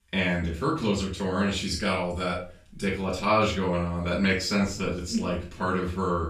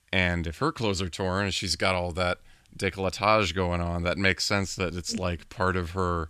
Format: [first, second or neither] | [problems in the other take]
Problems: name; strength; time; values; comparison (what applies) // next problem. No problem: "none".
second | room echo; slight; dies away in 0.3 s // off-mic speech; far